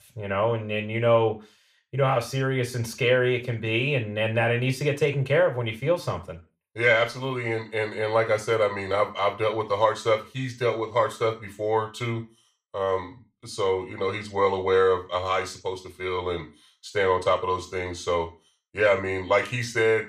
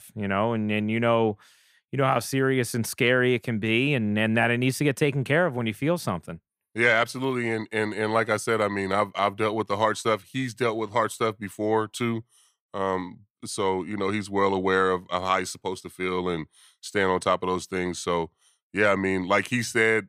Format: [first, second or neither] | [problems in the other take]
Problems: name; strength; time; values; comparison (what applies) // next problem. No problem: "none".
second | room echo; very slight; dies away in 0.4 s // off-mic speech; somewhat distant